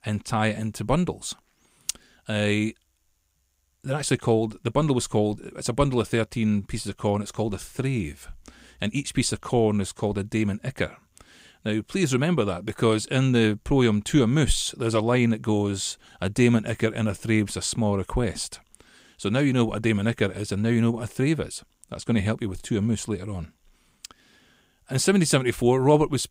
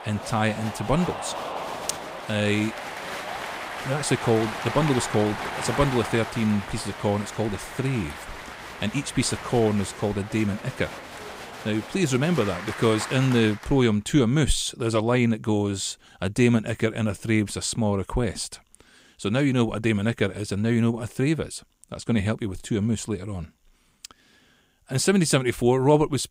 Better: first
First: none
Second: crowd noise; loud; until 14 s; 9 dB below the speech

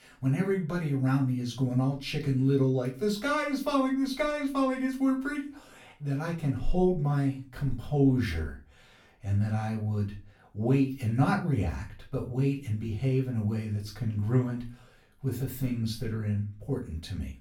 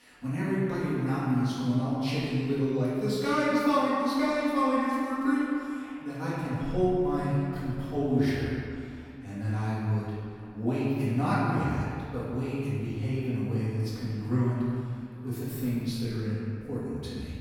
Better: first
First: room echo; slight; dies away in 0.3 s // off-mic speech; far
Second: room echo; strong; dies away in 2.1 s // off-mic speech; far

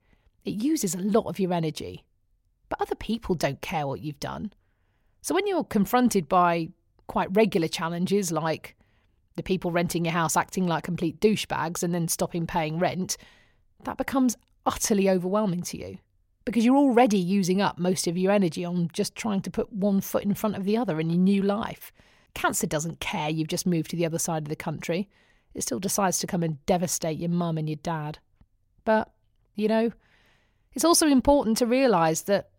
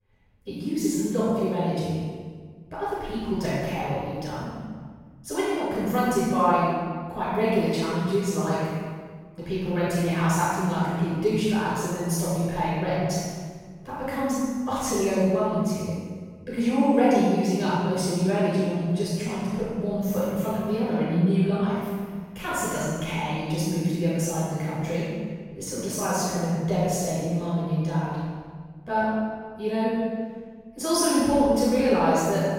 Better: first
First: none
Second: room echo; strong; dies away in 1.6 s // off-mic speech; far

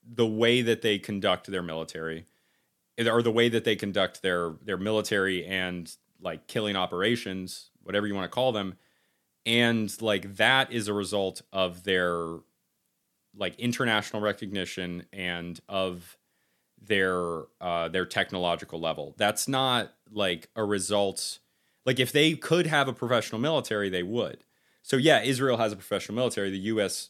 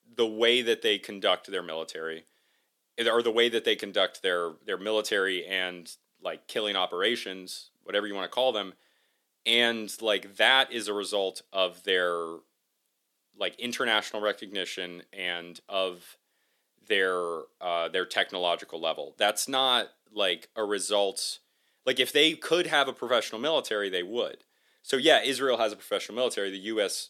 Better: first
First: none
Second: thin; somewhat; fading below 400 Hz

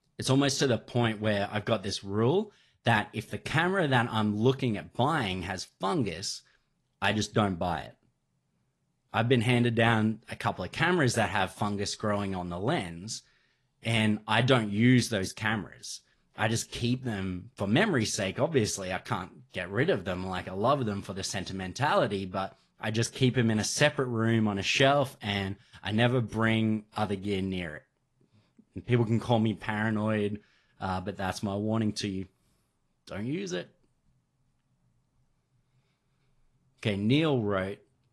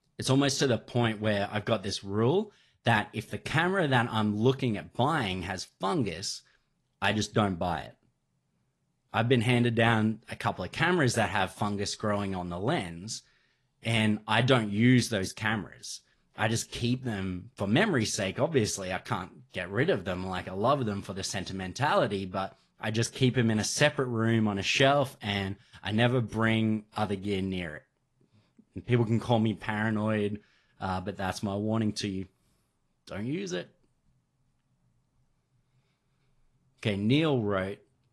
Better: neither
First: garbled, watery; slightly; nothing above 11.5 kHz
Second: garbled, watery; slightly; nothing above 11.5 kHz

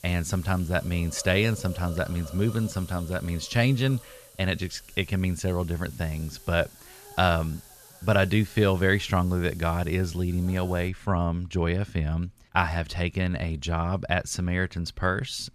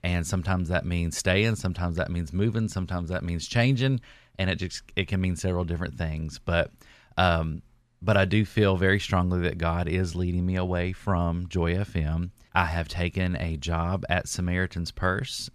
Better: second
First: hiss; noticeable; until 11 s; 20 dB below the speech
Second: none

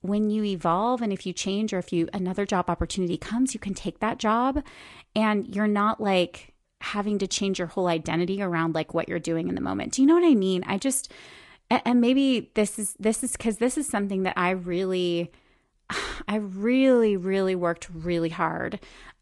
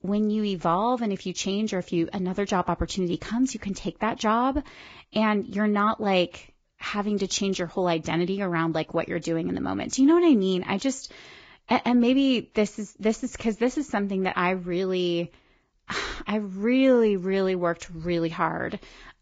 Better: first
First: garbled, watery; slightly; nothing above 10.5 kHz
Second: garbled, watery; badly; nothing above 7.5 kHz

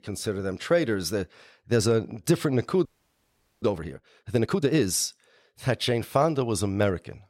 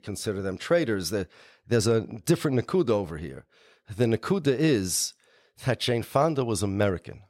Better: second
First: audio freezing; at 3 s for 1 s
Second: none

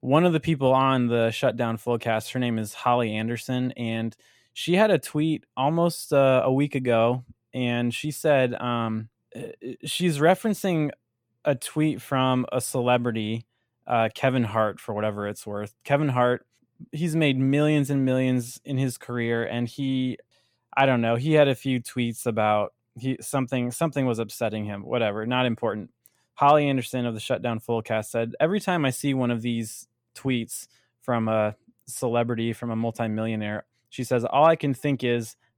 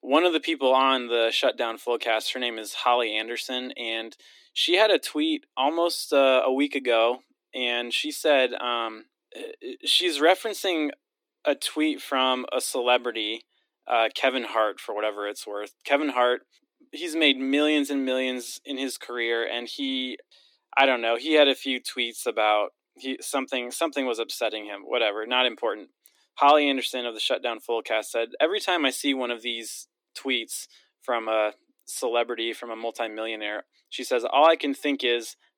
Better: first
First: none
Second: thin; somewhat; fading below 300 Hz

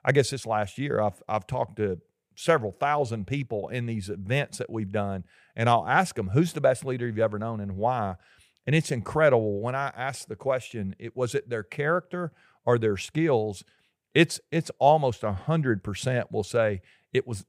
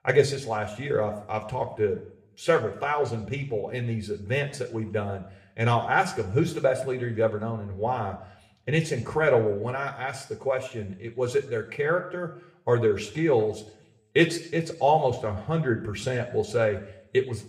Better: first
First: none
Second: room echo; very slight; dies away in 0.6 s // off-mic speech; somewhat distant

